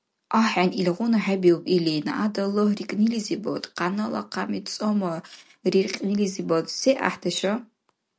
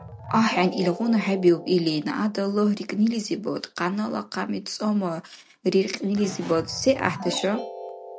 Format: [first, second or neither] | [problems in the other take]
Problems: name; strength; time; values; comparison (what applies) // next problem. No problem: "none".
first | background sound (Keyboard (musical)); 14 dB below the speech